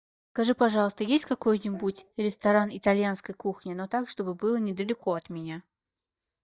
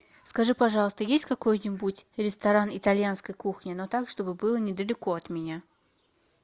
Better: second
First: noise reduction (neural mask model DeepFilterNet 3)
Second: none

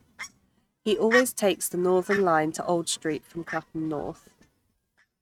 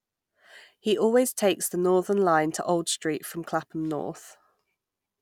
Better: second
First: noise reduction (neural mask model RNNoise)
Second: none

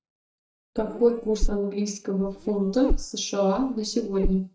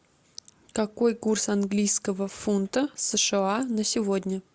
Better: second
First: noise reduction (neural mask model DeepFilterNet 3)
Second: none

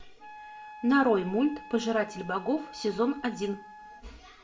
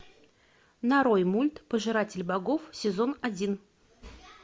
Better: second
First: background sound (Wind instrument, woodwind instrument); 17 dB below the speech // room echo; dies away in 0.3 s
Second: none

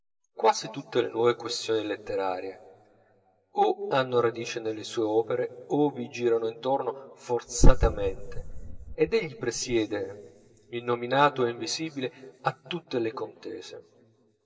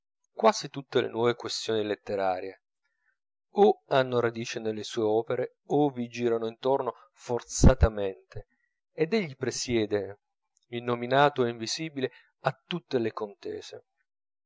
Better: second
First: room echo; dies away in 2.8 s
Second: none

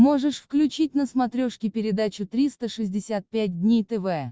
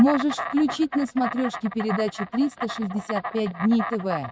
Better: first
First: none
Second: noise reduction (neural mask model RNNoise)

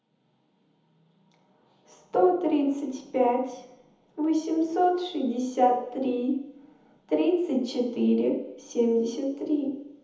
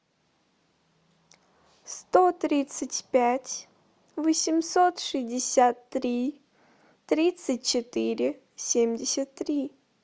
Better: second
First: room echo; dies away in 1 s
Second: none

